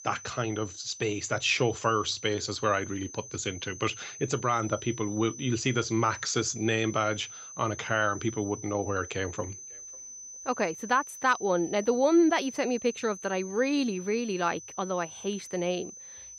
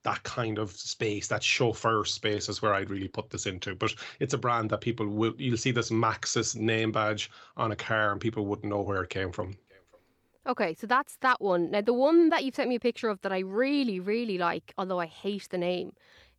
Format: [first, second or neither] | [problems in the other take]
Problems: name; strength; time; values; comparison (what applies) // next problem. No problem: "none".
second | high-pitched whine; noticeable; throughout; 6 kHz, 15 dB below the speech